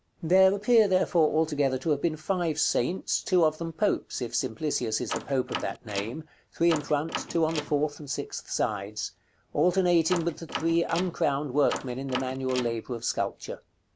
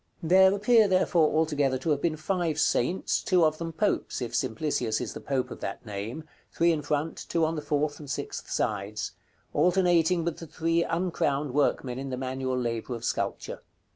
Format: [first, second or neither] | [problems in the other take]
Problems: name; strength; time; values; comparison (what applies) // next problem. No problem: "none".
second | background sound (Door); 11 dB below the speech